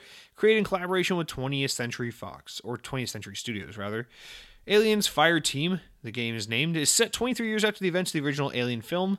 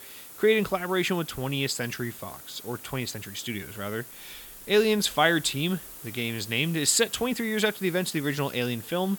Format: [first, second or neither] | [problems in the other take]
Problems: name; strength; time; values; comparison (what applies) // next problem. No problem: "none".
first | hiss; noticeable; throughout; 15 dB below the speech